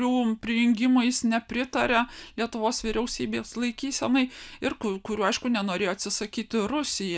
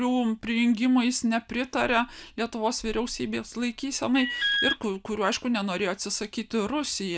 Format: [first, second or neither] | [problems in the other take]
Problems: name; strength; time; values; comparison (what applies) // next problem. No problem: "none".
first | background sound (Alarm); 2 dB below the speech